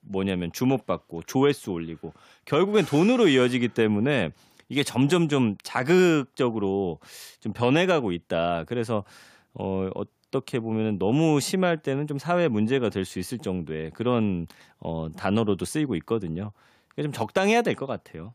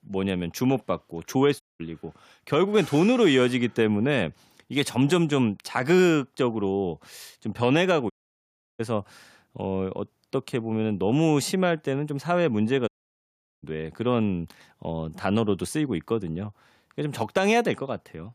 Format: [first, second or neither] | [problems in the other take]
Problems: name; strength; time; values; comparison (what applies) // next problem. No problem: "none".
first | audio cutting out; at 1.5 s, at 8 s for 0.5 s and at 13 s for 0.5 s